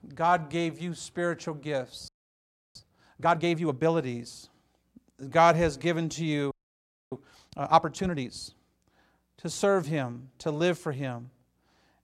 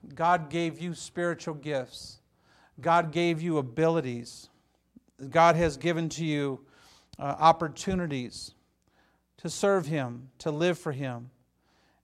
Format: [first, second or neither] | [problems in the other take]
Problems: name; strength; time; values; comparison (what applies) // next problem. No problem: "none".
second | audio freezing; at 2 s for 0.5 s and at 6.5 s for 0.5 s